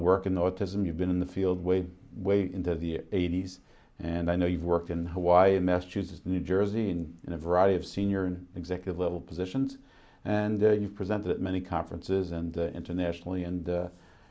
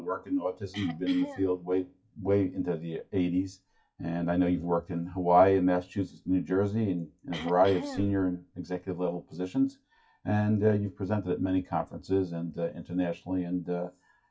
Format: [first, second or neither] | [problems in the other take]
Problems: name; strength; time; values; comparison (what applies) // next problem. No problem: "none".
first | noise reduction (classical method WPE with log-MMSE)